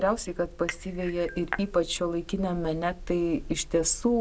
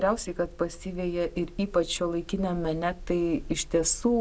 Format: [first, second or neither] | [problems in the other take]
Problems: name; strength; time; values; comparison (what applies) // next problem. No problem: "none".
second | background sound (Cutlery, silverware / Dishes, pots, and pans / Chink, clink); 10 dB below the speech